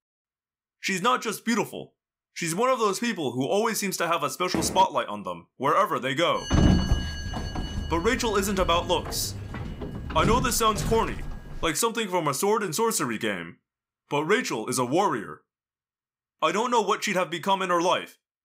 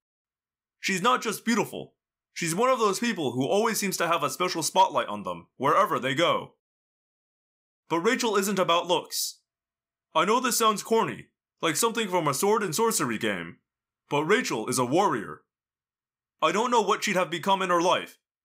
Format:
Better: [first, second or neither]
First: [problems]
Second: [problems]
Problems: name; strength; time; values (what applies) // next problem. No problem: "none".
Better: second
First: footsteps; noticeable; at 4.5 s; peak 6 dB below the speech // door banging; loud; from 6.5 to 12 s; peak 4 dB above the speech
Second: none